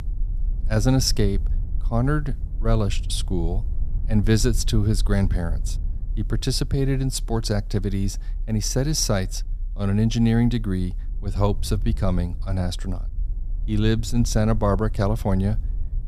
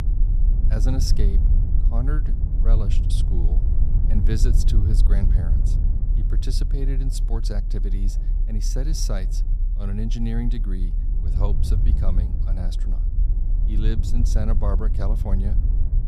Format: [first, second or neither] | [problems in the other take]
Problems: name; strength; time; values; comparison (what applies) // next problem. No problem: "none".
first | low rumble; loud; throughout; 6 dB below the speech; faint in the first